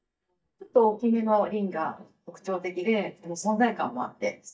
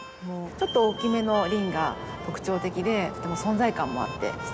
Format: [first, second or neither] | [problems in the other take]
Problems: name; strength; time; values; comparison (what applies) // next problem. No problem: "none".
second | noise reduction (neural mask model DeepFilterNet 3)